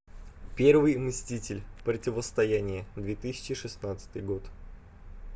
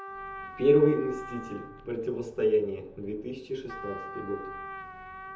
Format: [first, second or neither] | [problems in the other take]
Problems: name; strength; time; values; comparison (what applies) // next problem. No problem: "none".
first | background sound (Trumpet); 13 dB below the speech // room echo; dies away in 0.8 s